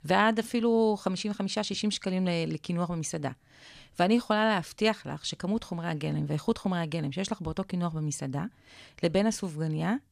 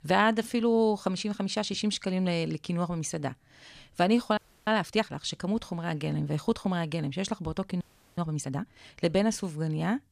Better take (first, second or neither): first